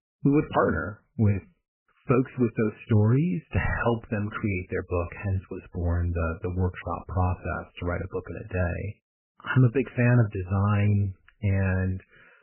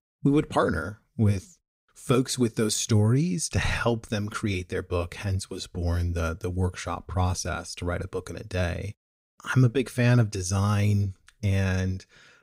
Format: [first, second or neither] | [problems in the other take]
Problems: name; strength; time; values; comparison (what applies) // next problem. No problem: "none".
second | garbled, watery; badly; nothing above 3 kHz